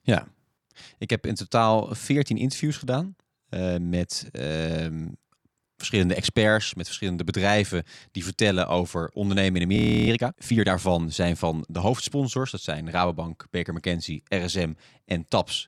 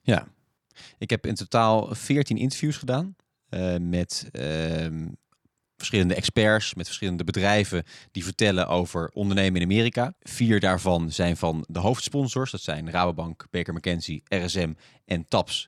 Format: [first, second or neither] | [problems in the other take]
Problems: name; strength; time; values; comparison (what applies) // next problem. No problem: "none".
second | audio freezing; at 10 s